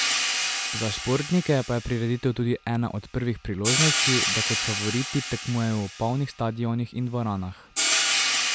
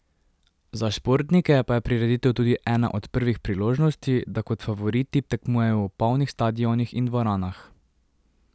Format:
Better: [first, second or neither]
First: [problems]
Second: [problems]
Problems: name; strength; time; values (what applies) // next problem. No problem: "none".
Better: second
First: background sound (Hi-hat); 1 dB below the speech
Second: none